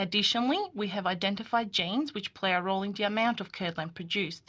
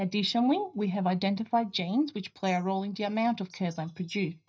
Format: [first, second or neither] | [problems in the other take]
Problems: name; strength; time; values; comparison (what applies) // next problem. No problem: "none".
first | noise reduction (neural mask model DeepFilterNet 3)